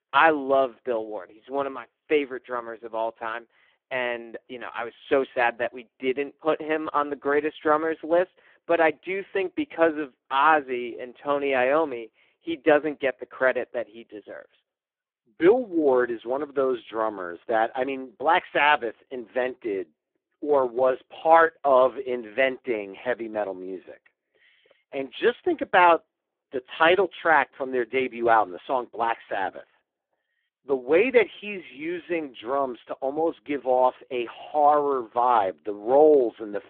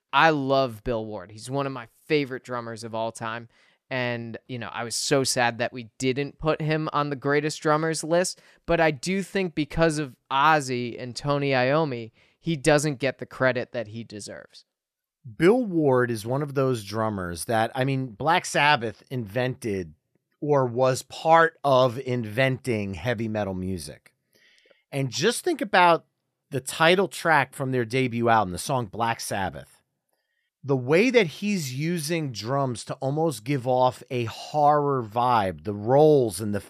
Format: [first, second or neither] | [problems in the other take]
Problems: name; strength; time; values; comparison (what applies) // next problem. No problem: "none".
second | phone-call audio; poor line